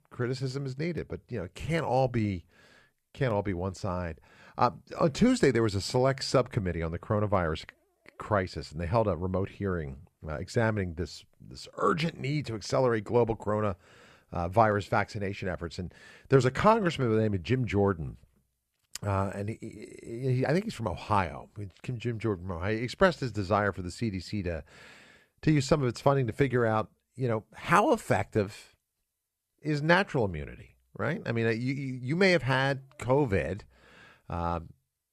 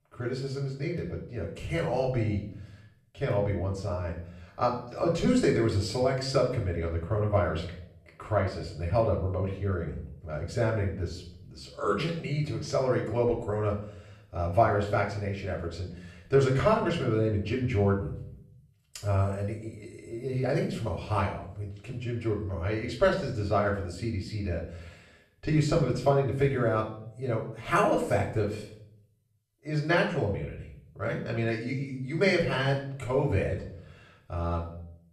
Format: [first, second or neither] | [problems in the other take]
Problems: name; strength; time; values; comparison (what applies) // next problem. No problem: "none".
first | off-mic speech; far // room echo; slight; dies away in 0.6 s